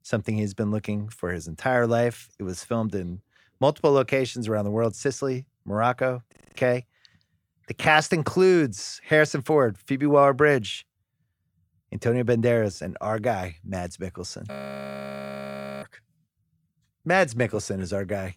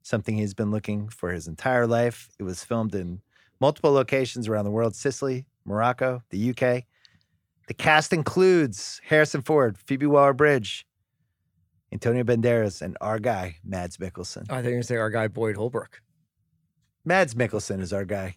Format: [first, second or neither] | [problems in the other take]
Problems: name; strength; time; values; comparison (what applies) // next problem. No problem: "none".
second | audio freezing; at 6.5 s and at 15 s for 1.5 s